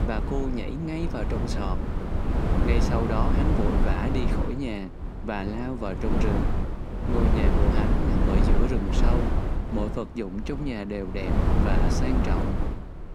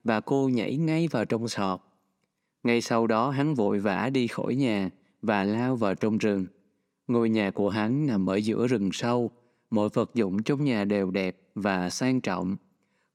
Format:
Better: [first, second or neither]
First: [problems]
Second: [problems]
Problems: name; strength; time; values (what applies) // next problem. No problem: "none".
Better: second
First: wind noise on the microphone; heavy; 1 dB above the speech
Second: none